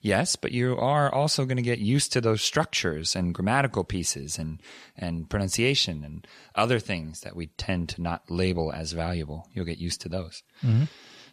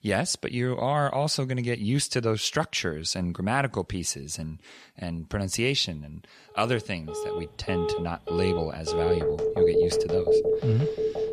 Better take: first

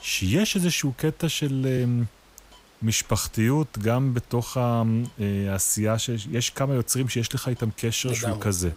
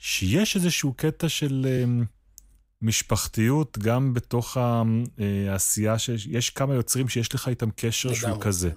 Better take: second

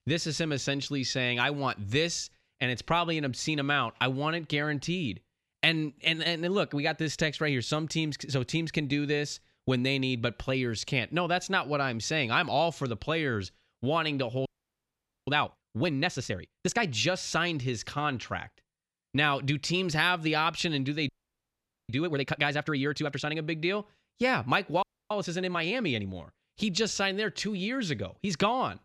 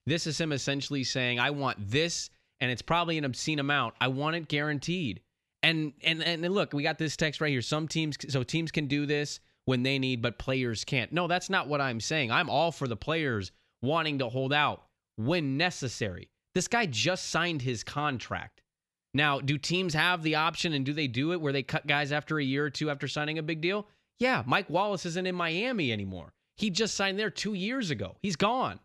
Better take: second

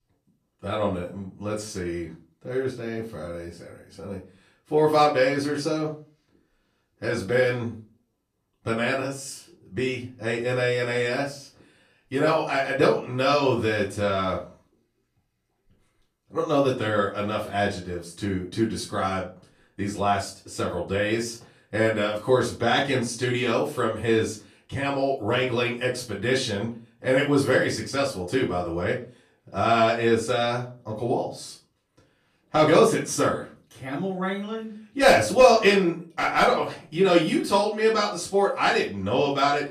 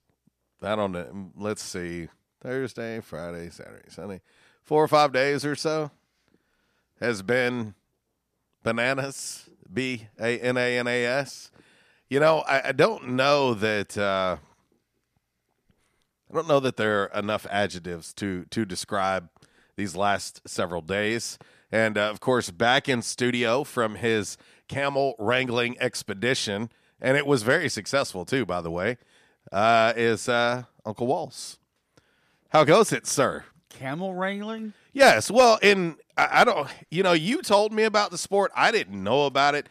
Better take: second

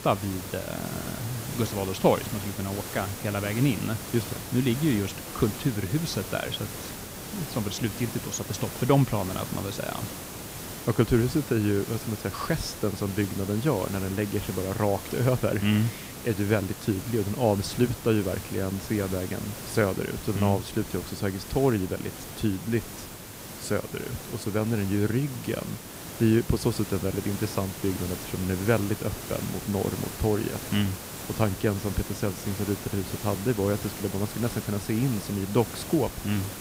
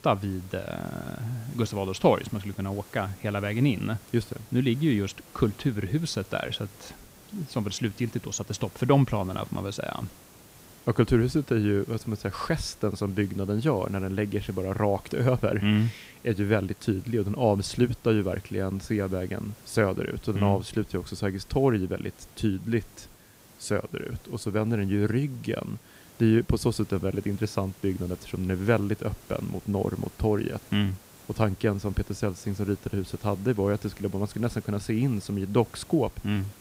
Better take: second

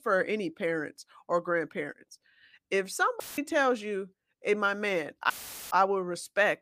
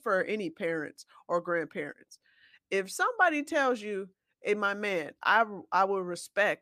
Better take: second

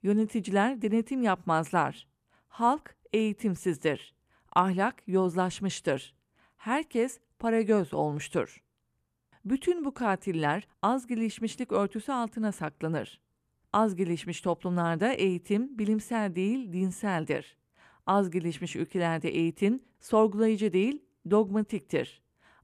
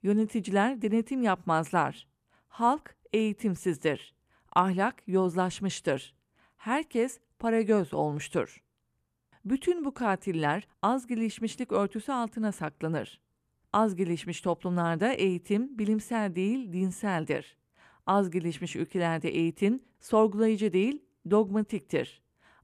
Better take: neither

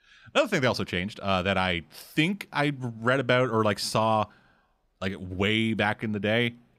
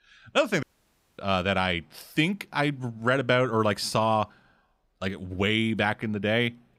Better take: first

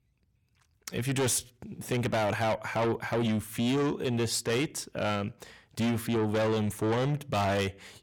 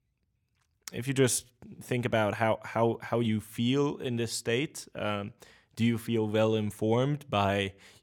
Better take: second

